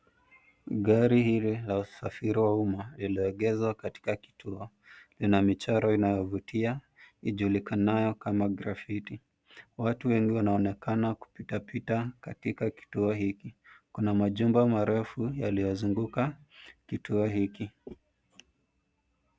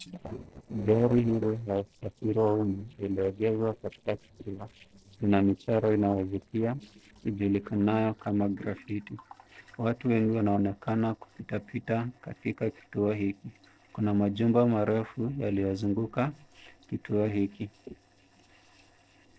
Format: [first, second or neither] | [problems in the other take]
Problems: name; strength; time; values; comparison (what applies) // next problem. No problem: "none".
first | noise reduction (neural separator model SepFormer DNS4)